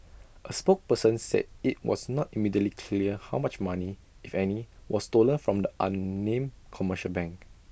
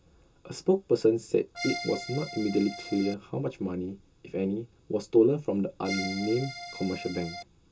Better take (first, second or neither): first